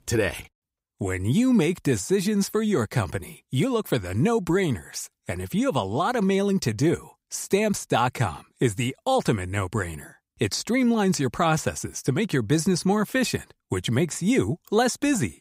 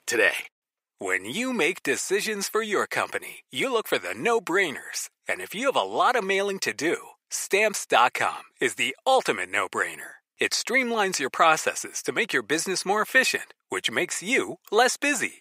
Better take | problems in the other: first | thin; very; fading below 550 Hz

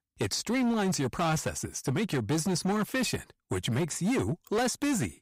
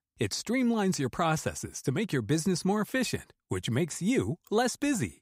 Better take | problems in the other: second | distortion; slight; 16% of the sound clipped

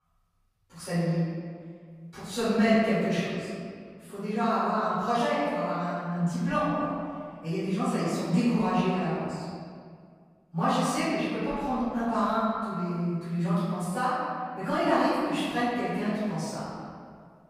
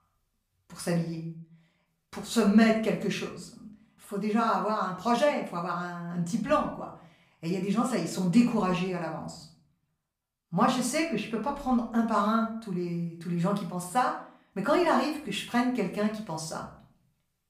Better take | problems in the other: second | room echo; strong; dies away in 1.9 s; slight in the second // off-mic speech; far; far in the second

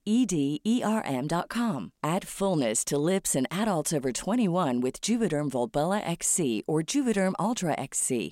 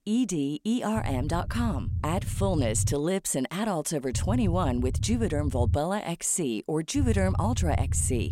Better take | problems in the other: first | low rumble; noticeable; from 1 to 3 s, from 4 to 6 s and from 7 s on; 15 dB below the speech

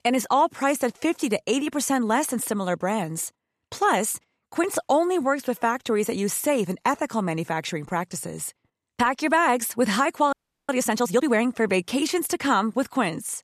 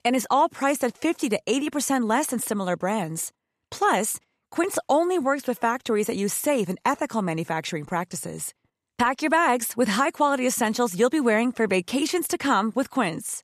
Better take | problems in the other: second | audio freezing; at 10 s

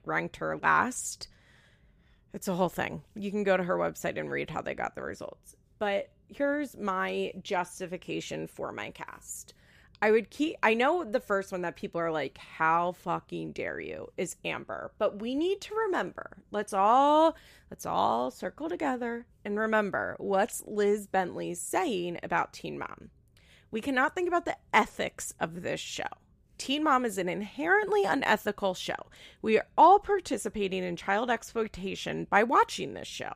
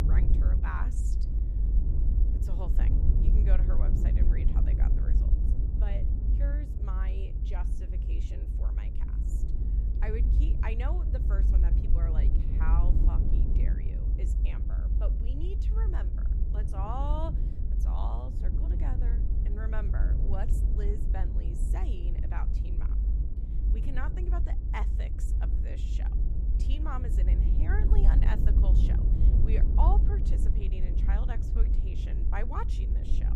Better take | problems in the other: first | low rumble; loud; throughout; 4 dB below the speech

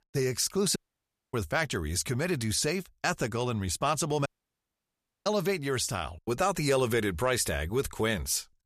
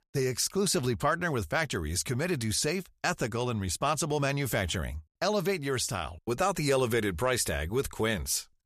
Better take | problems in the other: second | audio cutting out; at 1 s for 0.5 s and at 4.5 s for 1 s

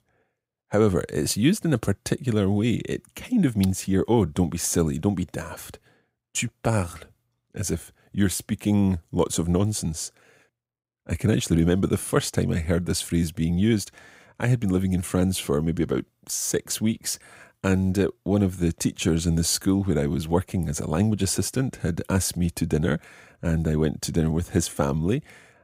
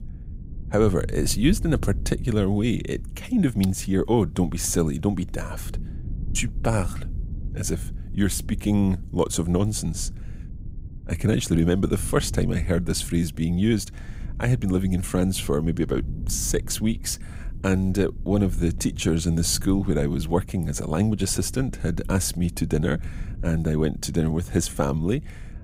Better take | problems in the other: first | low rumble; faint; throughout; 20 dB below the speech

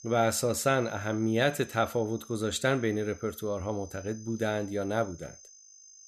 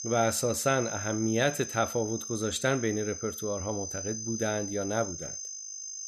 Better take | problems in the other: first | high-pitched whine; loud; throughout; 6.5 kHz, 6 dB below the speech; faint in the first

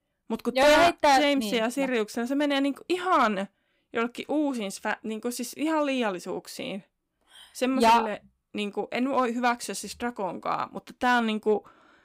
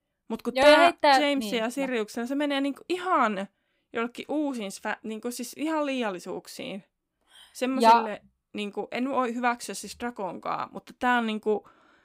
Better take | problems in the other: second | distortion; slight; 3% of the sound clipped

